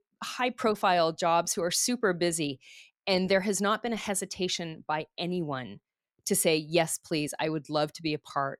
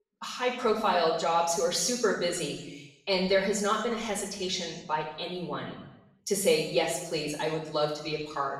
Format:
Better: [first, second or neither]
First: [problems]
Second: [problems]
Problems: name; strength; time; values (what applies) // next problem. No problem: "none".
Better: first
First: none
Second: room echo; noticeable; dies away in 0.8 s // off-mic speech; far